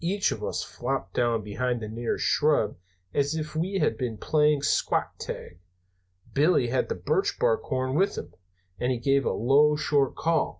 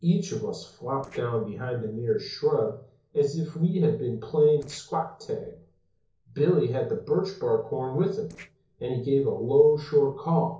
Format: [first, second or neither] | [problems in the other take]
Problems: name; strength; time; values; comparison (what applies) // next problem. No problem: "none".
first | noise reduction (neural separator model SepFormer DNS4)